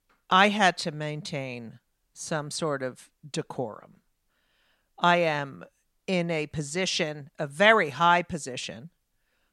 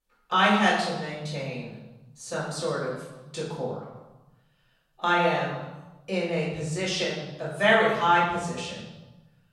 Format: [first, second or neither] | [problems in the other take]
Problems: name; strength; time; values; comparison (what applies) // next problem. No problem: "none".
first | room echo; noticeable; dies away in 0.9 s // off-mic speech; far